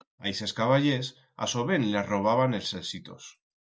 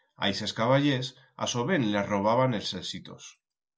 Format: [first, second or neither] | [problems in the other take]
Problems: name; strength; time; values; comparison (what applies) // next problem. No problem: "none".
second | noise reduction (neural mask model DeepFilterNet 3)